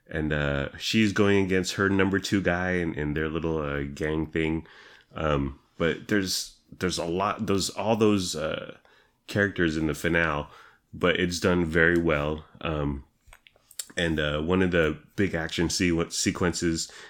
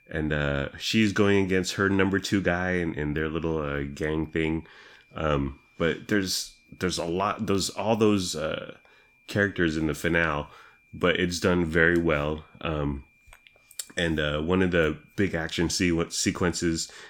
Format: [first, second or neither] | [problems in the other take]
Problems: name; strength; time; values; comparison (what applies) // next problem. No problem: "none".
first | high-pitched whine; faint; throughout; 2.5 kHz, 35 dB below the speech